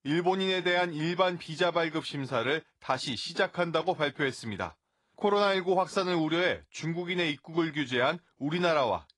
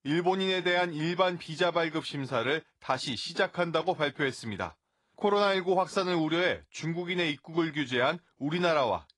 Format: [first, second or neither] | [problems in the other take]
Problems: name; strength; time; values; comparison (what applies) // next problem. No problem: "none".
neither | garbled, watery; slightly; nothing above 10.5 kHz; the same in both